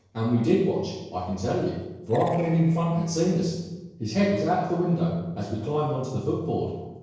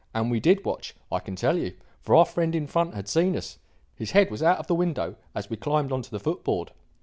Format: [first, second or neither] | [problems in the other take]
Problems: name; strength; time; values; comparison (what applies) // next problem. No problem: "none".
second | noise reduction (neural separator model SepFormer DNS4)